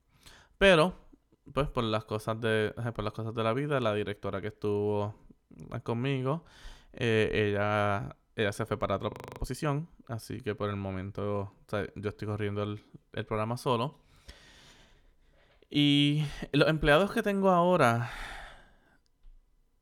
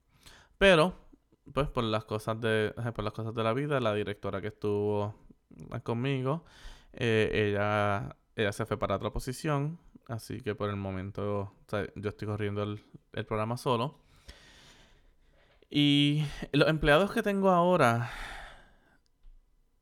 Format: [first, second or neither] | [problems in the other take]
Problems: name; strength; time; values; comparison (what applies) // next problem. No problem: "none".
second | audio freezing; at 9 s